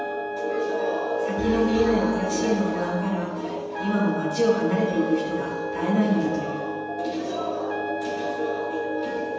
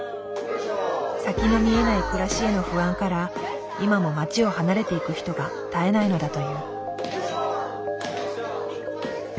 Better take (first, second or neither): second